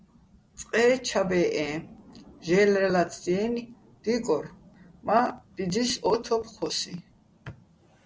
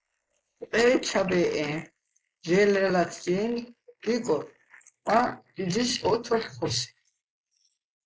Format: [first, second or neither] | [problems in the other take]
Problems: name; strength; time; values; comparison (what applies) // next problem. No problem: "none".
first | noise reduction (neural mask model Resemble Enhance denoiser)